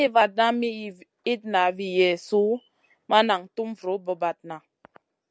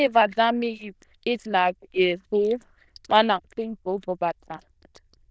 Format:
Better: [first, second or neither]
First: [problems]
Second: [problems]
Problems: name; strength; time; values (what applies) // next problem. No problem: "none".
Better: first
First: none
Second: noise reduction (neural diffusion model UNIVERSE++)